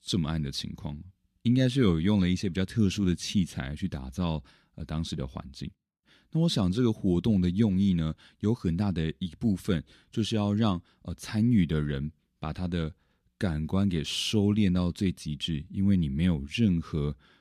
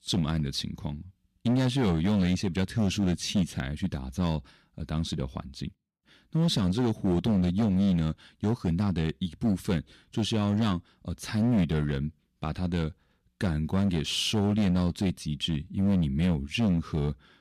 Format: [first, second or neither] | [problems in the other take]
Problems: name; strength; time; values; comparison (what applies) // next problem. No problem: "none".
first | distortion; slight; 8% of the sound clipped